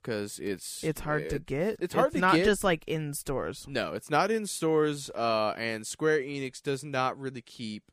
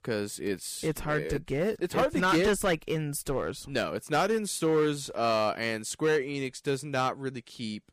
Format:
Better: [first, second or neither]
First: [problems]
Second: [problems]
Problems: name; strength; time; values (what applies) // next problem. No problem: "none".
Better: first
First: none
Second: distortion; slight; 5% of the sound clipped